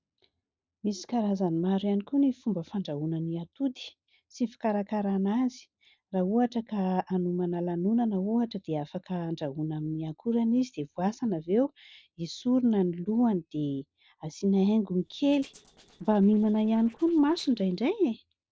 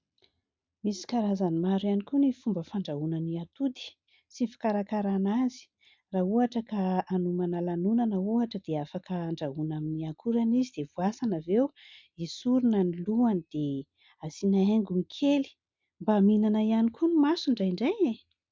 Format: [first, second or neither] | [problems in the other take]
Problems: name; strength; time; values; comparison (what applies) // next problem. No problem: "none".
second | noise reduction (neural separator model SepFormer DNS4)